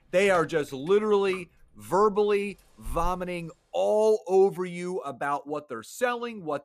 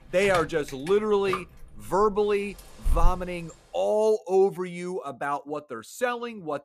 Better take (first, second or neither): first